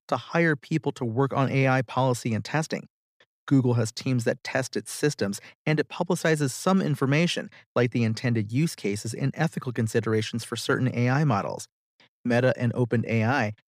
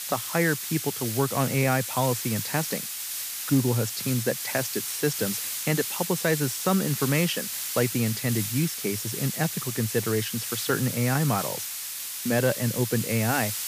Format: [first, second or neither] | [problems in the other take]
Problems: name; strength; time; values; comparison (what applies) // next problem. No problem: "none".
first | hiss; loud; throughout; 3 dB below the speech